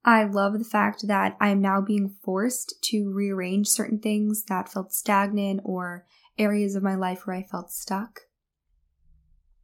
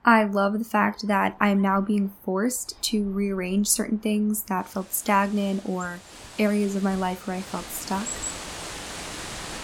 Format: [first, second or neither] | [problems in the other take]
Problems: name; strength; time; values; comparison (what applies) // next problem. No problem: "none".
first | animal sounds; noticeable; throughout; 10 dB below the speech